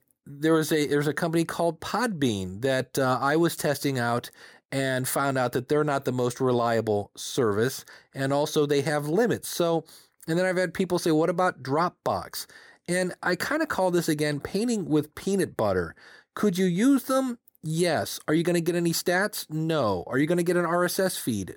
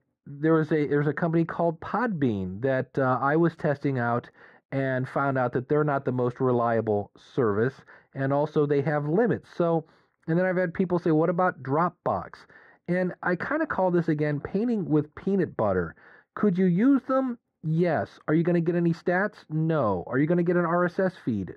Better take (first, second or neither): first